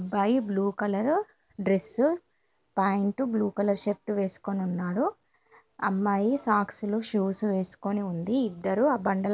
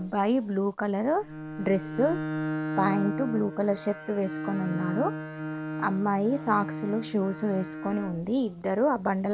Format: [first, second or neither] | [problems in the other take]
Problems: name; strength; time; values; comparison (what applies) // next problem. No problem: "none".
first | background sound (Bowed string instrument); 7 dB below the speech